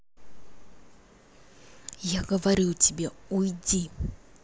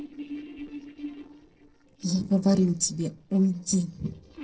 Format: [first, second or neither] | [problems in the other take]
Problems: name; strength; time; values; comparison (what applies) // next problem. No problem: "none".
first | noise reduction (neural separator model SepFormer DNS4)